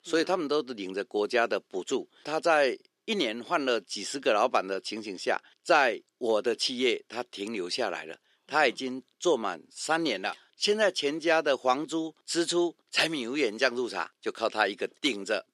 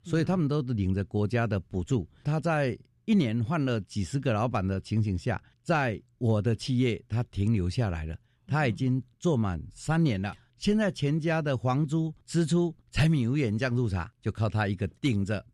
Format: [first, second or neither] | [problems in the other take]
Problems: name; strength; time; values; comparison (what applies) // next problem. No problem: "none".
second | thin; very; fading below 350 Hz